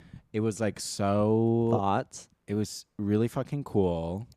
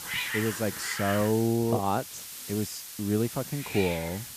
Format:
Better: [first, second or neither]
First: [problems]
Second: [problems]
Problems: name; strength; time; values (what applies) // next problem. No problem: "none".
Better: first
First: none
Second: hiss; loud; throughout; 6 dB below the speech